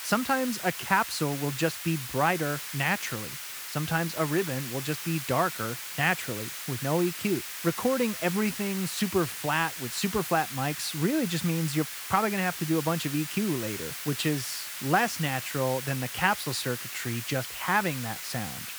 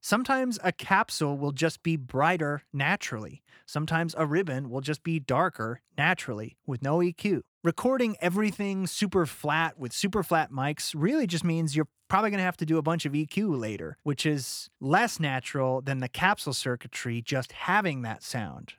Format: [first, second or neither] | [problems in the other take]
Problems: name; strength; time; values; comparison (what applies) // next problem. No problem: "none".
second | hiss; loud; throughout; 5 dB below the speech